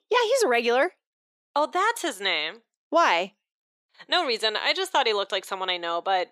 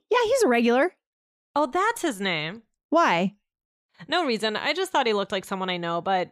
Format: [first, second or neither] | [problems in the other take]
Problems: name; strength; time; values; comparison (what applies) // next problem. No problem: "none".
second | thin; somewhat; fading below 400 Hz